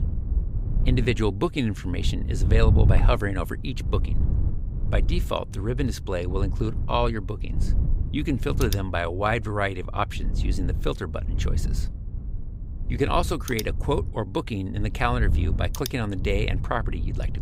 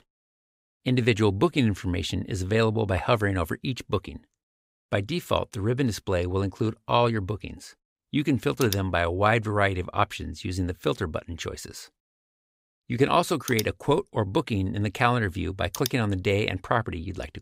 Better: second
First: wind noise on the microphone; occasional gusts; 15 dB below the speech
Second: none

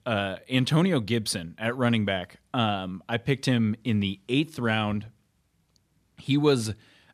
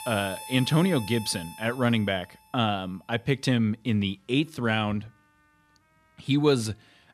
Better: first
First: none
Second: background music; noticeable; throughout; 15 dB below the speech

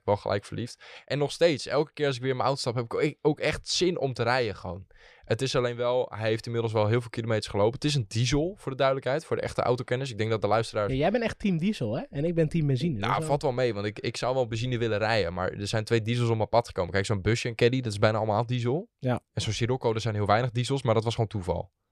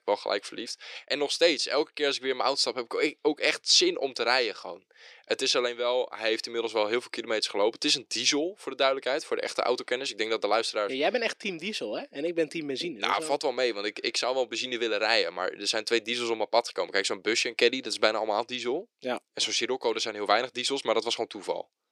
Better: first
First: none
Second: thin; somewhat; fading below 300 Hz

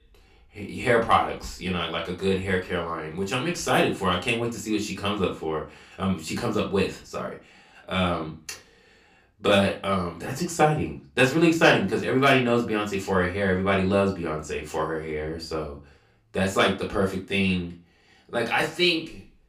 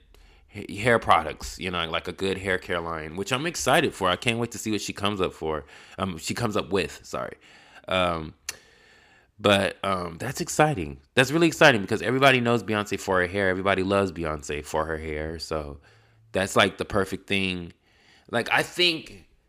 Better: second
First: off-mic speech; far // room echo; very slight; dies away in 0.3 s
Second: none

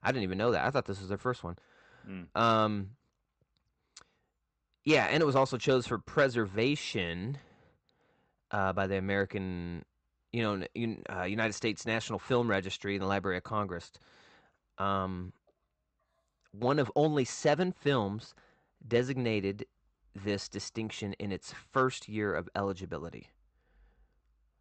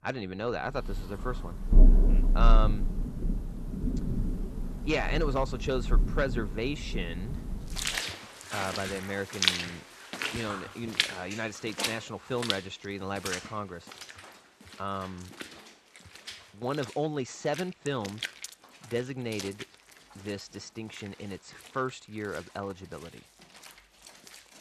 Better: first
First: none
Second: rain or running water; very loud; throughout; 3 dB above the speech

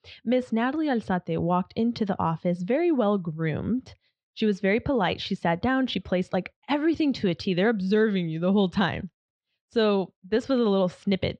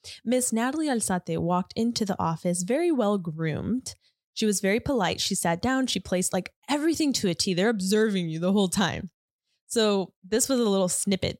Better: second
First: muffled; slightly; fading above 3.5 kHz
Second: none

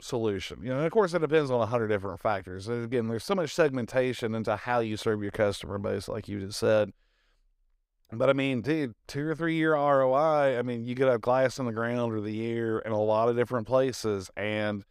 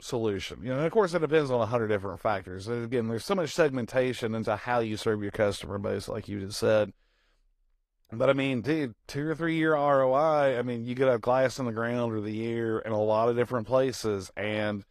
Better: first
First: none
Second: garbled, watery; slightly; nothing above 13.5 kHz

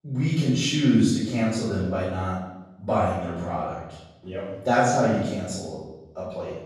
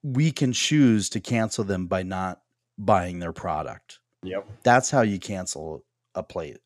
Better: second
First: off-mic speech; far // room echo; strong; dies away in 0.9 s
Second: none

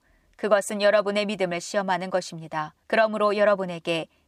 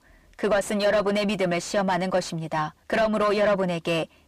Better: first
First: none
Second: distortion; heavy; 7 dB below the speech

